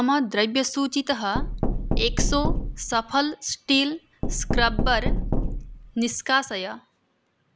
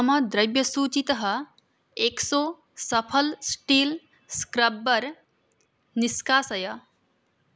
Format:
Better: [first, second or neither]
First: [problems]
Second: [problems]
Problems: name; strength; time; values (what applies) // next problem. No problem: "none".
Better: second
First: background sound (Knock); as loud as the speech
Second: none